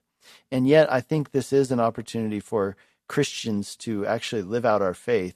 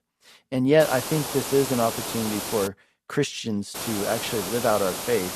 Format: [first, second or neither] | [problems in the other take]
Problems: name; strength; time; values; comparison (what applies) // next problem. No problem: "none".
first | hiss; loud; from 1 to 2.5 s and from 4 s on; 5 dB below the speech